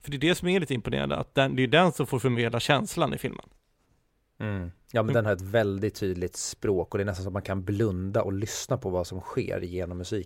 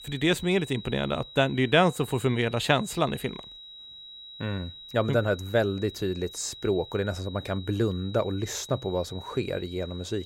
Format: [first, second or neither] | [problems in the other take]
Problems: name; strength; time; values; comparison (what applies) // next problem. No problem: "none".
first | high-pitched whine; noticeable; throughout; 4 kHz, 15 dB below the speech